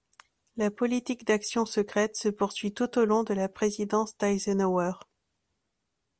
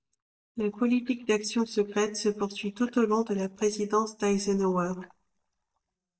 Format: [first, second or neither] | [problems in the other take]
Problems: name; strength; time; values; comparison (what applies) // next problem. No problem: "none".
first | noise reduction (neural mask model DeepFilterNet 3)